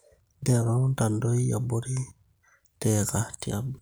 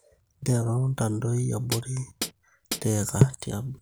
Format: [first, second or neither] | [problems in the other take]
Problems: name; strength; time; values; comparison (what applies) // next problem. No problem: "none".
first | background sound (Hi-hat); 1 dB below the speech